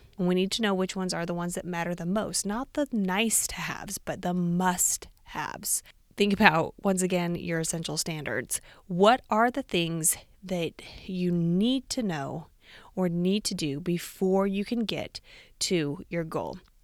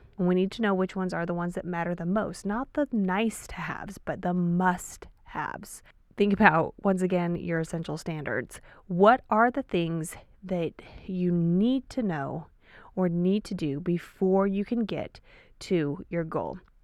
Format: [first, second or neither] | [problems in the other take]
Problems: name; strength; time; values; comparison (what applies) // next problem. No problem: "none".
first | muffled; very; fading above 3 kHz